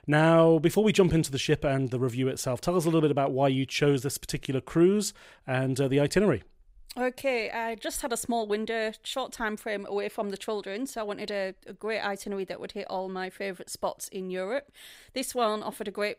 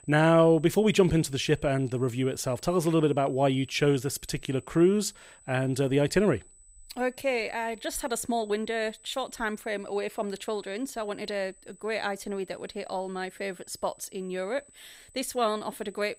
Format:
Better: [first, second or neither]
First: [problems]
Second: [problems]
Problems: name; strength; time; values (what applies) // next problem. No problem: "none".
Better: first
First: none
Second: high-pitched whine; faint; throughout; 8 kHz, 25 dB below the speech